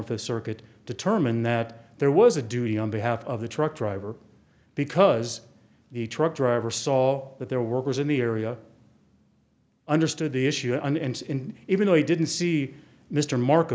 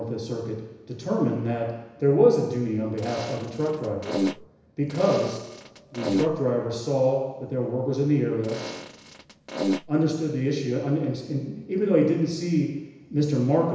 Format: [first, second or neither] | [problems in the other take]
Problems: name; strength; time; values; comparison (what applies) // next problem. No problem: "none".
first | background sound (Fart); 6 dB below the speech // room echo; dies away in 1 s